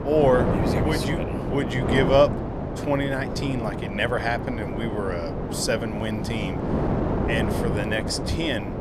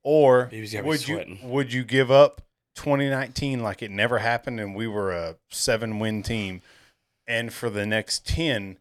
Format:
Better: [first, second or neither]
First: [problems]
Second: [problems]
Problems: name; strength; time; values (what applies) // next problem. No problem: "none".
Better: second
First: wind noise on the microphone; heavy; 4 dB below the speech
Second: none